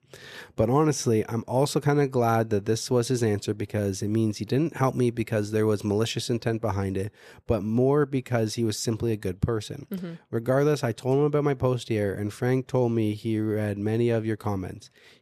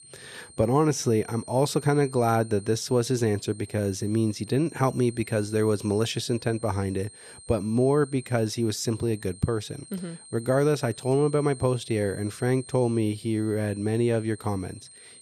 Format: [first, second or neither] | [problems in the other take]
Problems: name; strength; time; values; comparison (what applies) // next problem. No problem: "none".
first | high-pitched whine; noticeable; throughout; 8.5 kHz, 20 dB below the speech